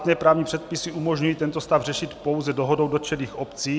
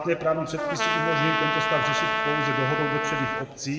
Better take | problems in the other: first | background sound (Trumpet); 2 dB above the speech // room echo; dies away in 1.7 s

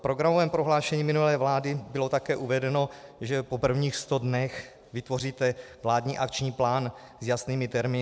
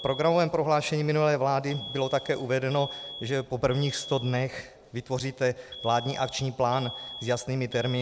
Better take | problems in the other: first | background sound (Alarm); 16 dB below the speech

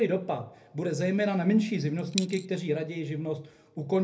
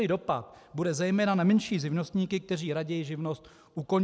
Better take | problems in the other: second | background sound (Coin (dropping)); 11 dB below the speech // room echo; dies away in 0.3 s

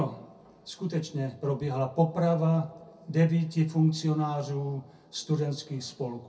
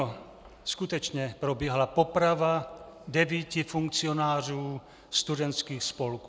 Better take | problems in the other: second | room echo; dies away in 0.3 s

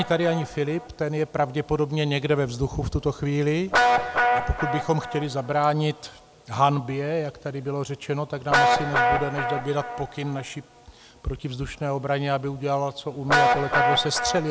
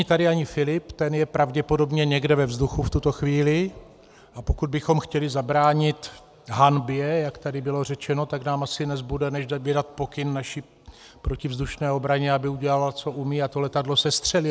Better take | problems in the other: second | background sound (Guitar); 2 dB below the speech

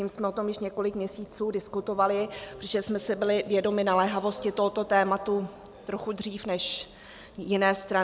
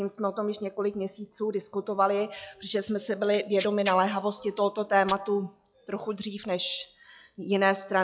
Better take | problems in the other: first | noise reduction (classical method log-MMSE)

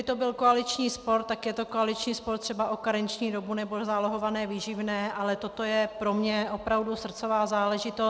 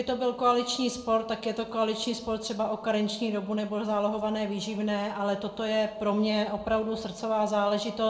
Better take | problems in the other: first | room echo; dies away in 0.4 s

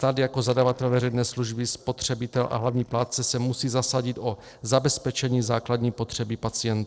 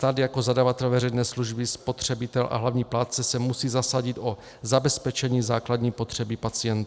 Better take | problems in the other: second | noise reduction (neural separator model SepFormer DNS4)

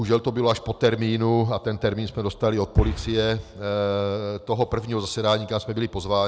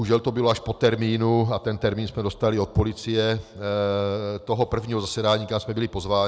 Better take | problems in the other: second | background sound (Boom); 5 dB below the speech

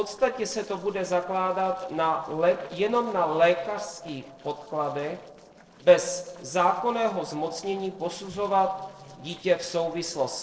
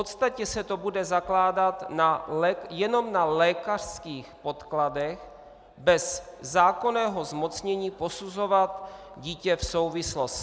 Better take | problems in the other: second | noise reduction (neural separator model SepFormer DNS4)

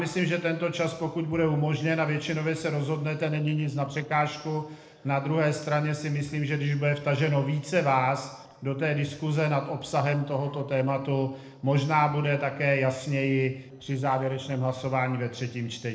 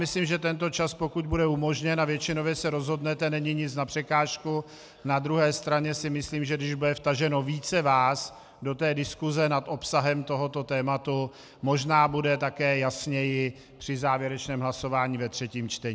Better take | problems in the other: second | noise reduction (neural separator model SepFormer DNS4)

